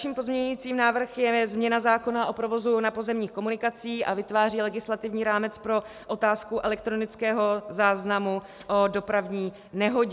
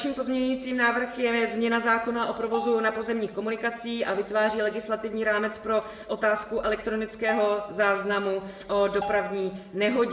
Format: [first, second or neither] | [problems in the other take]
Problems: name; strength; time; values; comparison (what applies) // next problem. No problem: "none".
first | background sound (Bell); 12 dB below the speech // room echo; dies away in 0.8 s